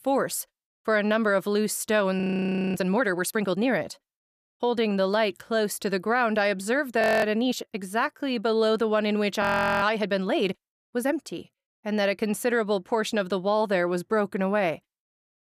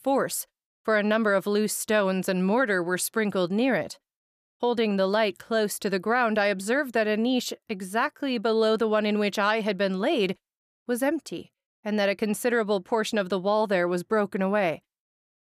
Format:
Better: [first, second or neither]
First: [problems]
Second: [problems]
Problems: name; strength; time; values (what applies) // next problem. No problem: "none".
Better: second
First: audio freezing; at 2 s for 0.5 s, at 7 s and at 9.5 s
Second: none